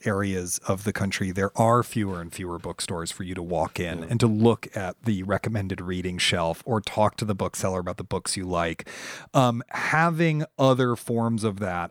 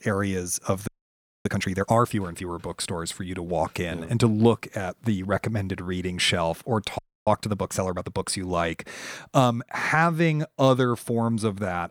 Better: first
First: none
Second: audio freezing; at 1 s for 0.5 s and at 7 s

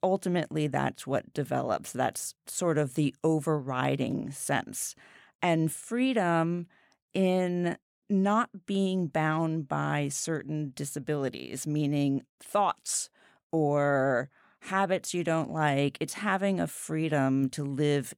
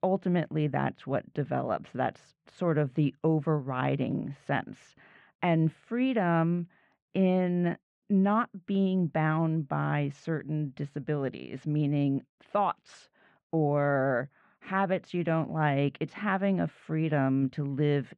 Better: first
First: none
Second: muffled; very; fading above 3 kHz

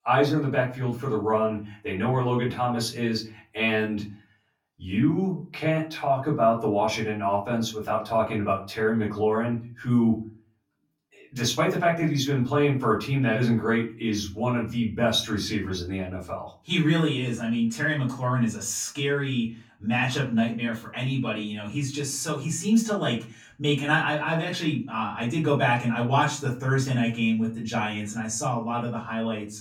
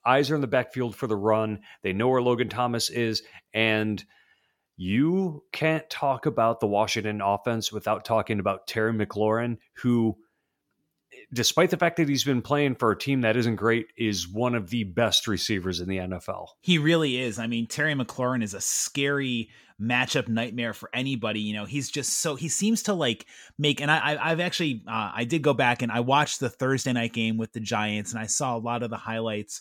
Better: second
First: off-mic speech; far // room echo; very slight; dies away in 0.3 s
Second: none

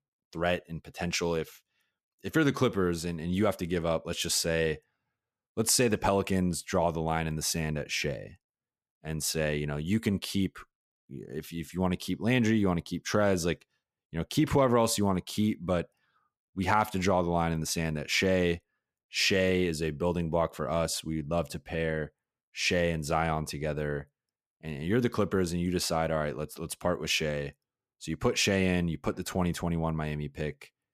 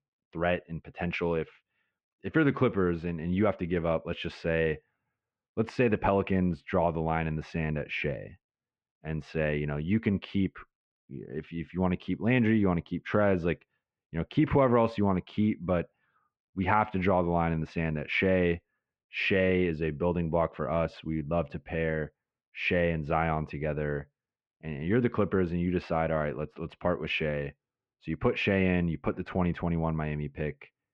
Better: first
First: none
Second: muffled; very; fading above 2.5 kHz

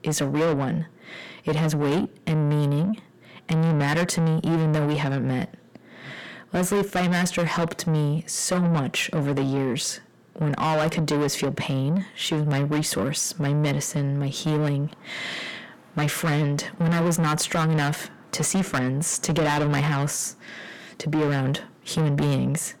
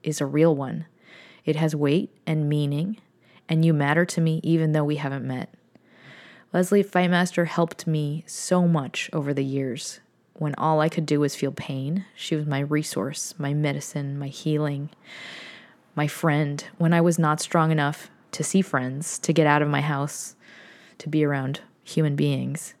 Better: second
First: distortion; heavy; 6 dB below the speech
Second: none

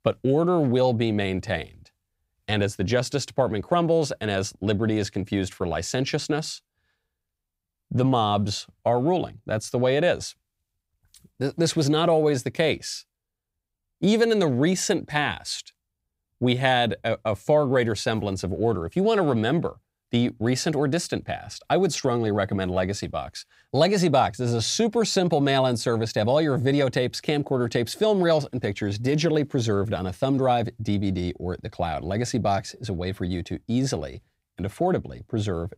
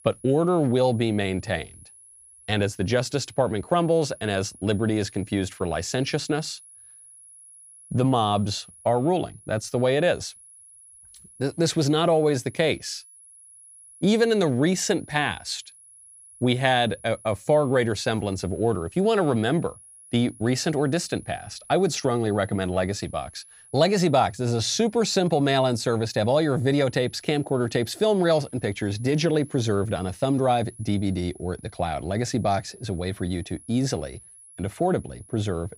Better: first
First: none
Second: high-pitched whine; faint; throughout; 10.5 kHz, 25 dB below the speech

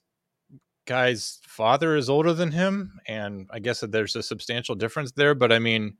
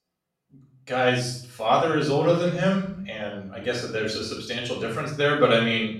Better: first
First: none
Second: off-mic speech; far // room echo; noticeable; dies away in 0.5 s

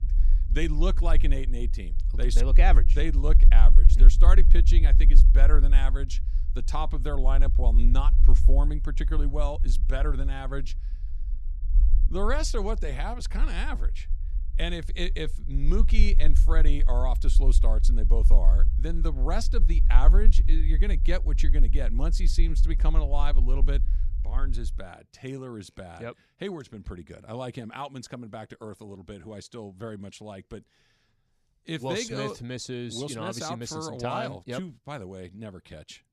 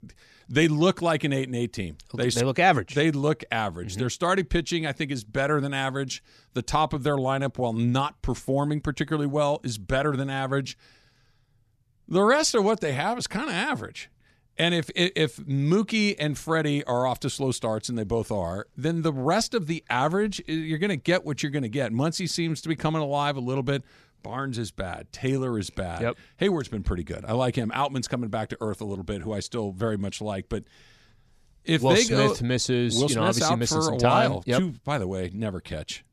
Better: second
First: low rumble; noticeable; until 25 s; 15 dB below the speech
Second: none

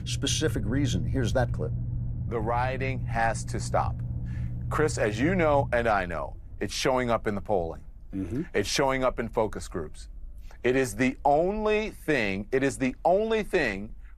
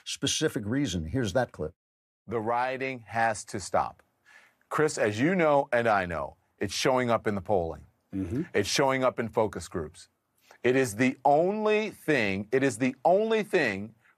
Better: second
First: low rumble; noticeable; throughout; 20 dB below the speech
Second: none

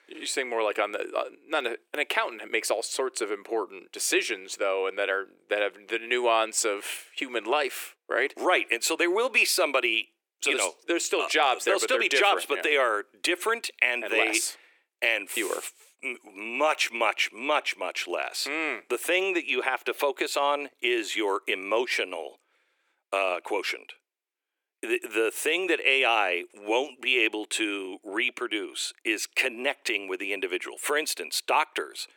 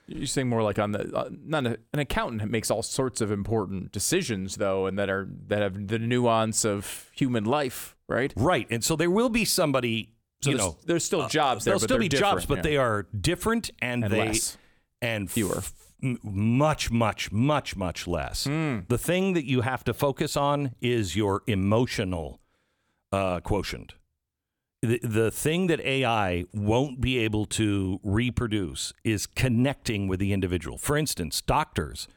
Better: second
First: thin; very; fading below 350 Hz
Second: none

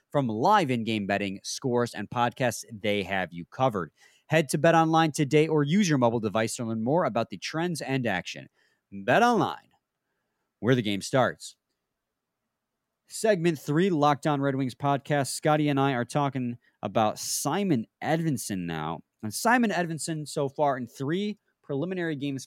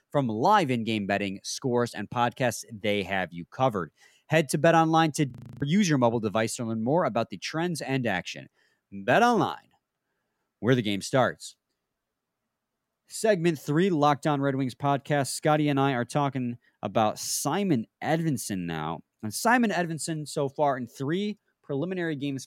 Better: first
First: none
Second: audio freezing; at 5.5 s

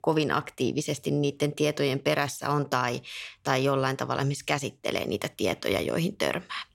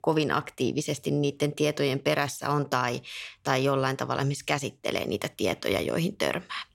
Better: neither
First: none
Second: none

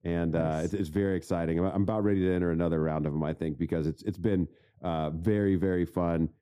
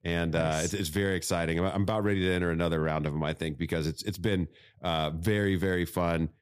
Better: second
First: muffled; slightly; fading above 1.5 kHz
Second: none

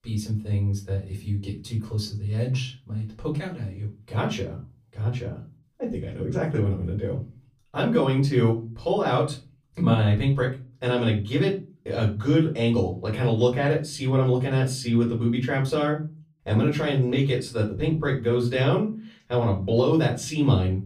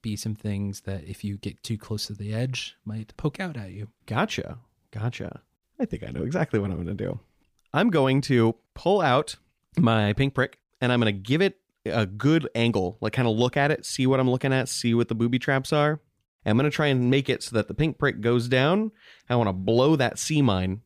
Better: second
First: off-mic speech; far // room echo; very slight; dies away in 0.3 s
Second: none

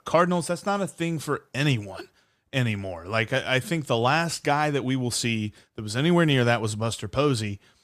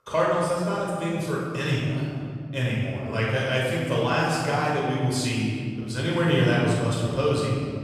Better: first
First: none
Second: room echo; strong; dies away in 2.2 s // off-mic speech; far

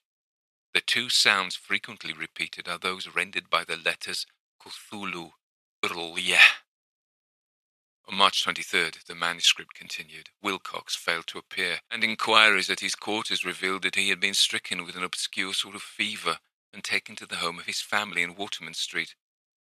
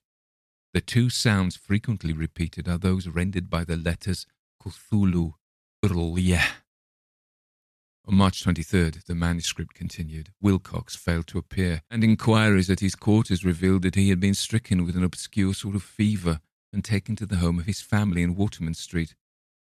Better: second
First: thin; very; fading below 700 Hz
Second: none

